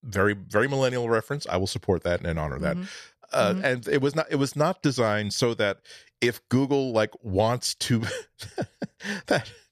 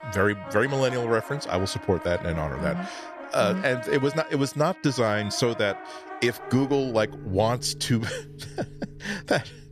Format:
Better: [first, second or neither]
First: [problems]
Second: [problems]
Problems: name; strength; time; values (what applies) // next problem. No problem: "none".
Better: first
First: none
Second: background music; noticeable; throughout; 15 dB below the speech